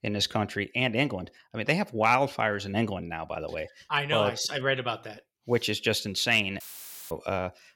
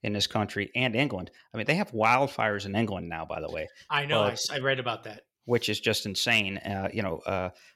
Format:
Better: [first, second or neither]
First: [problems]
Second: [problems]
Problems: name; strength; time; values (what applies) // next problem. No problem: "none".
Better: second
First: audio cutting out; filled with static; at 6.5 s for 0.5 s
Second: none